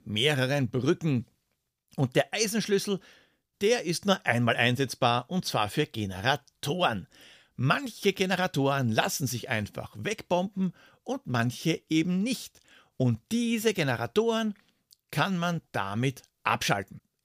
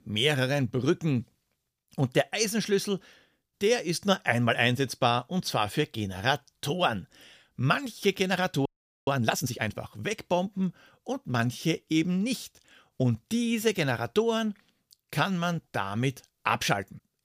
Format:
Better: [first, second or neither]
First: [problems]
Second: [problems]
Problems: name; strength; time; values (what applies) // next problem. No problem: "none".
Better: first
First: none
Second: audio freezing; at 8.5 s